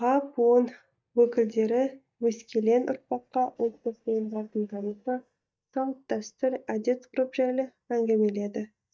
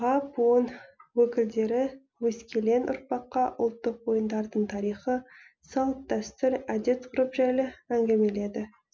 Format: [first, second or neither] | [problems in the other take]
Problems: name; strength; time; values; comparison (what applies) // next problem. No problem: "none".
second | noise reduction (neural mask model DeepFilterNet 3)